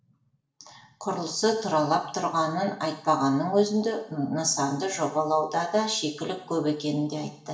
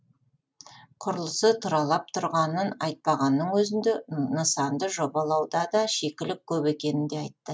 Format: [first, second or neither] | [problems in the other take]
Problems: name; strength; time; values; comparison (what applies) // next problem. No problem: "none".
second | room echo; dies away in 0.7 s